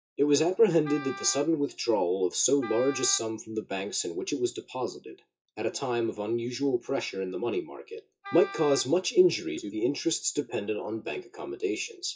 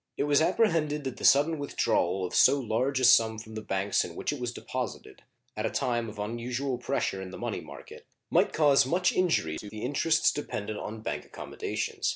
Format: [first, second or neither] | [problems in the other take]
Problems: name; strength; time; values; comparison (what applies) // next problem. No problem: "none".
second | noise reduction (classical method WPE with log-MMSE)